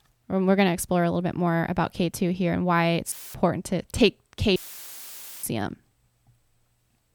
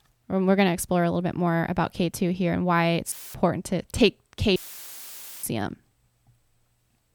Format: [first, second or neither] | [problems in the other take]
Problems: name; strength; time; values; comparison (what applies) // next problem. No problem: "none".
neither | audio cutting out; filled with static; at 3 s and at 4.5 s for 1 s; the same in both